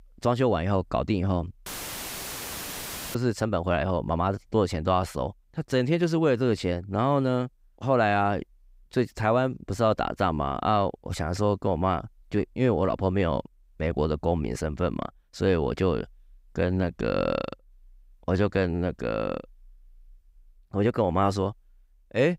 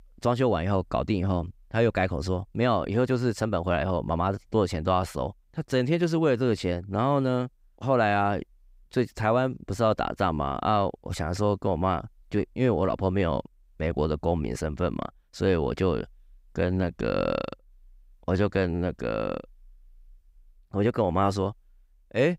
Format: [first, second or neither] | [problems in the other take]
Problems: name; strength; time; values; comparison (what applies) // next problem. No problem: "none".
second | audio cutting out; filled with static; at 1.5 s for 1.5 s